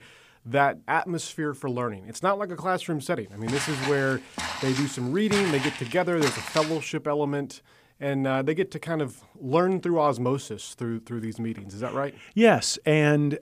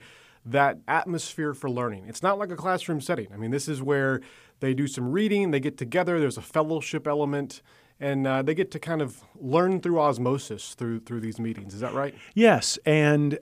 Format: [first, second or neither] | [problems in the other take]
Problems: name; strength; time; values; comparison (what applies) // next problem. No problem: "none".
second | footsteps; noticeable; from 3.5 to 7 s; peak 2 dB below the speech